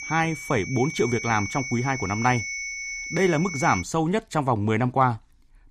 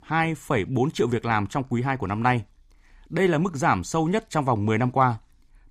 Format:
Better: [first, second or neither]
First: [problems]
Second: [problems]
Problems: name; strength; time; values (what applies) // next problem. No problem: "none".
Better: second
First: high-pitched whine; loud; until 4 s; 2 kHz, 7 dB below the speech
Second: none